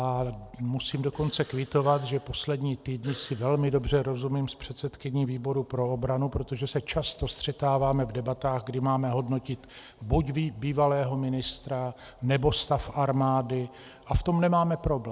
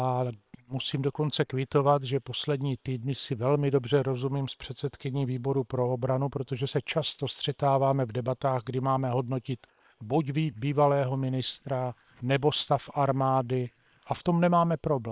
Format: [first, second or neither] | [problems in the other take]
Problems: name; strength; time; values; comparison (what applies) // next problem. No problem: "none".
first | noise reduction (neural separator model SepFormer WHAM!)